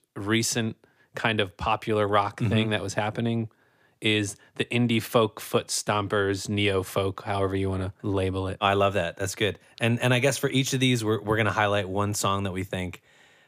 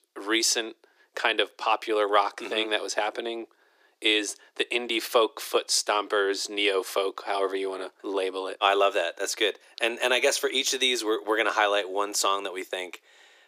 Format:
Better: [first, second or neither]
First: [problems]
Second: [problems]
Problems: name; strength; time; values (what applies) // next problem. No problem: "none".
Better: first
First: none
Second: thin; very; fading below 350 Hz